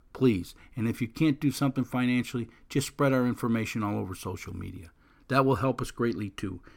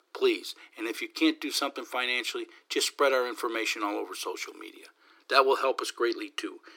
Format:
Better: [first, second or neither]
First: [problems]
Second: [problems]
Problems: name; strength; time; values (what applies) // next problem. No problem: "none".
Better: first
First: none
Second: thin; very; fading below 300 Hz